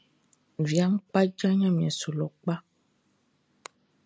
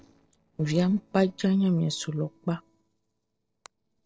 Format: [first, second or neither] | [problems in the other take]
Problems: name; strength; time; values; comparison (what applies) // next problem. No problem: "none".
first | noise reduction (neural separator model SepFormer DNS4)